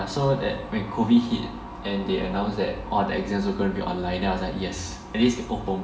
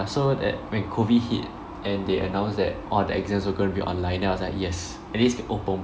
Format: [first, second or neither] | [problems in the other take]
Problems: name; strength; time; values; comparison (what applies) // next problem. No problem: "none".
second | room echo; dies away in 1.1 s